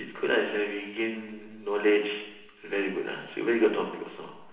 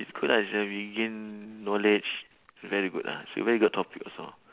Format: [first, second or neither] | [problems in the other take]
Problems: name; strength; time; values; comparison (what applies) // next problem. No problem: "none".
second | room echo; dies away in 1 s